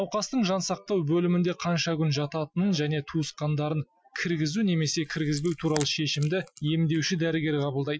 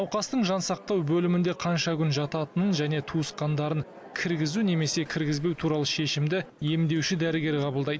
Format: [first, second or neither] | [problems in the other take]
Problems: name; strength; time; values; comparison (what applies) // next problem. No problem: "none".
second | noise reduction (classical method Wiener filter)